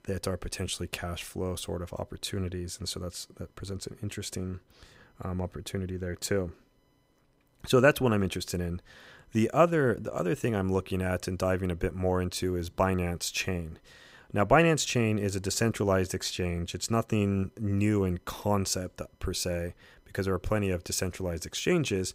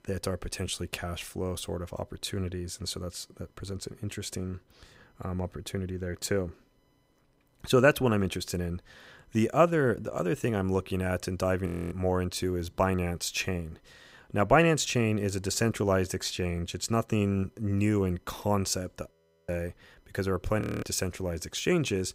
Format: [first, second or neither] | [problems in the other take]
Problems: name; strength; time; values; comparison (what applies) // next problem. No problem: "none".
first | audio freezing; at 12 s, at 19 s and at 21 s